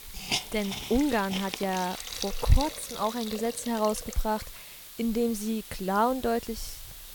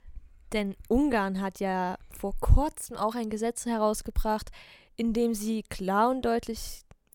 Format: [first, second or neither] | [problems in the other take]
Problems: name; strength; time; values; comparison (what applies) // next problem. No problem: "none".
second | hiss; loud; throughout; 7 dB below the speech